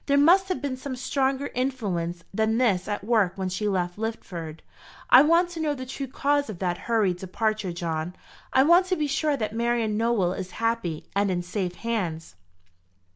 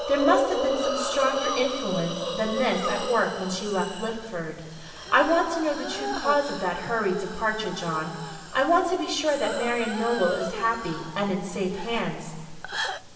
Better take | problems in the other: first | background sound (Hiss); 5 dB below the speech // room echo; dies away in 1.4 s

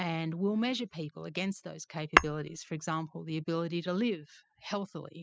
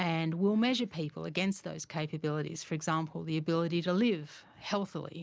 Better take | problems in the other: second | noise reduction (classical method spectral subtraction)

